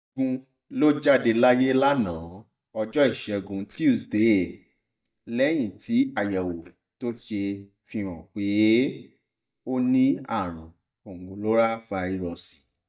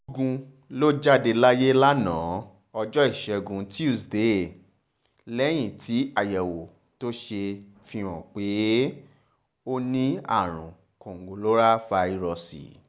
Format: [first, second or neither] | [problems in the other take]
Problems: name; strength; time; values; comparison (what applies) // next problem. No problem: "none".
second | noise reduction (neural mask model DeepFilterNet 3)